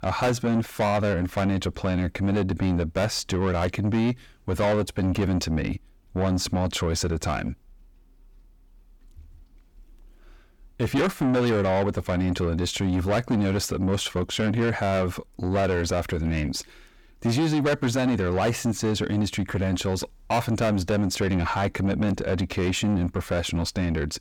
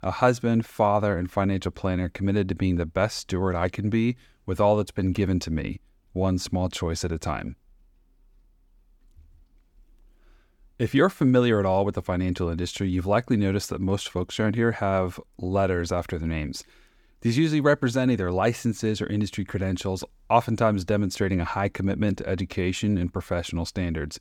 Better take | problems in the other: second | distortion; heavy; 8 dB below the speech

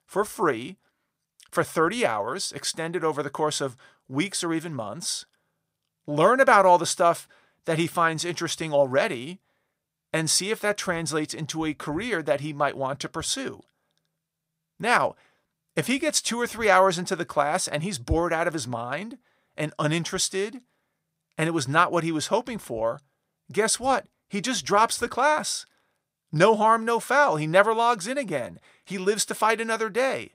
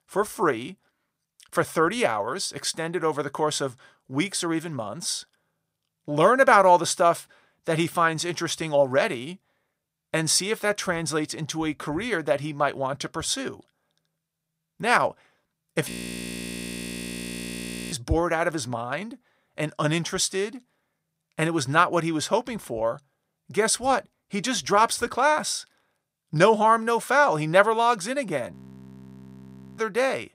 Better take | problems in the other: first | audio freezing; at 16 s for 2 s and at 29 s for 1.5 s

